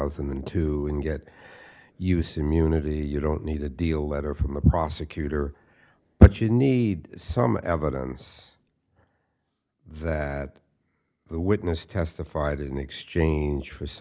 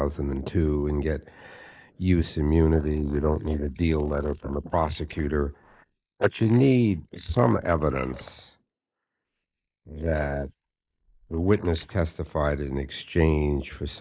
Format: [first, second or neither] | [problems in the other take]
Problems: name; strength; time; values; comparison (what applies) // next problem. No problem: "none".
first | noise reduction (neural mask model Resemble Enhance denoiser)